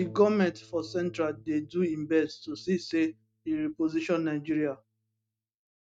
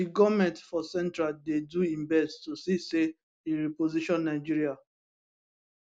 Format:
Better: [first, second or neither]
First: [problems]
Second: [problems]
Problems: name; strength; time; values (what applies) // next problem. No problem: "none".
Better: second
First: noise reduction (neural mask model RNNoise)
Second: none